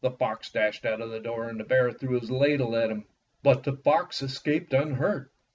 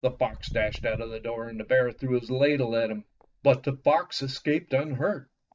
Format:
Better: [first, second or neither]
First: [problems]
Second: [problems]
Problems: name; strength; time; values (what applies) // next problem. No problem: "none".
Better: first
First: none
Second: noise reduction (neural mask model DeepFilterNet 3)